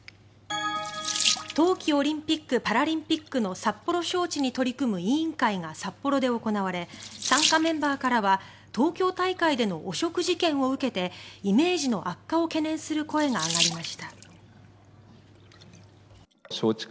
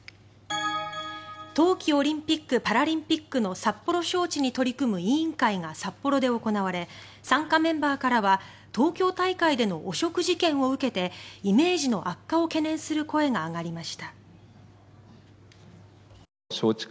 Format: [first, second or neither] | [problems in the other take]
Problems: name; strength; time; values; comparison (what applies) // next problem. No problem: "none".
second | background sound (Sink (filling or washing) / Water tap, faucet); 10 dB below the speech